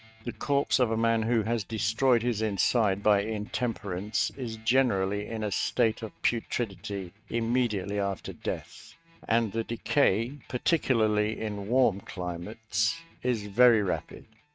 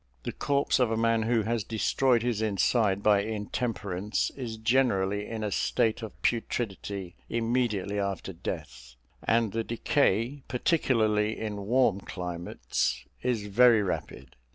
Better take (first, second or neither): second